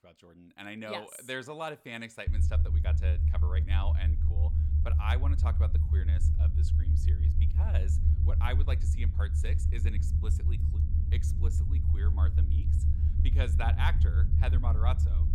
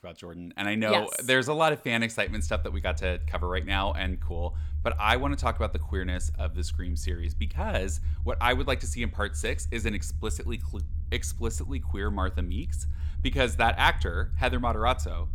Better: second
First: low rumble; loud; from 2.5 s on; 5 dB below the speech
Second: low rumble; faint; from 2.5 s on; 25 dB below the speech

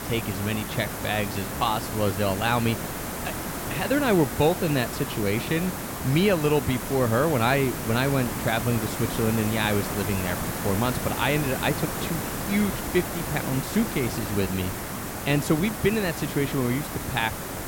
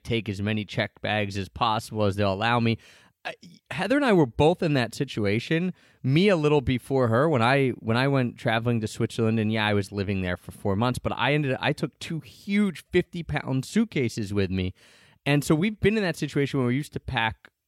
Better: second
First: hiss; loud; throughout; 5 dB below the speech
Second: none

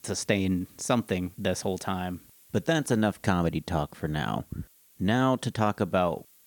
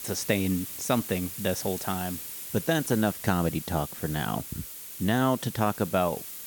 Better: first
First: hiss; faint; throughout; 25 dB below the speech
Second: hiss; loud; throughout; 8 dB below the speech

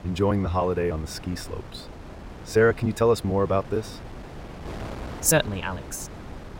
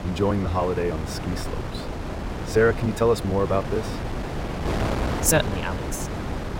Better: first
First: wind noise on the microphone; occasional gusts; 15 dB below the speech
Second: wind noise on the microphone; heavy; 8 dB below the speech

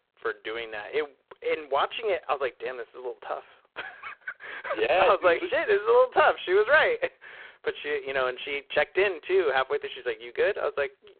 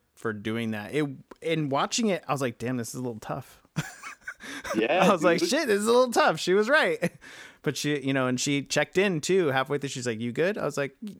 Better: second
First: phone-call audio; poor line; nothing above 3.5 kHz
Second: none

